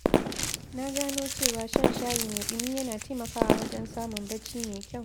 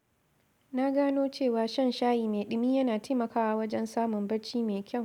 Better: second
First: background sound (Fireworks + Crumpling, crinkling); 4 dB above the speech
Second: none

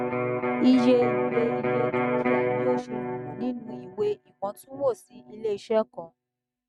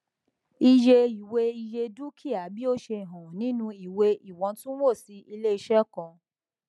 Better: second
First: noise reduction (neural mask model RNNoise)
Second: none

